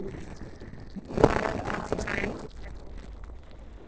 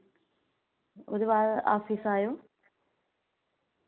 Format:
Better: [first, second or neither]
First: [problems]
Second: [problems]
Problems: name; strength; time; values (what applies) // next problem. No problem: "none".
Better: second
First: noise reduction (neural separator model SepFormer DNS4)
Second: none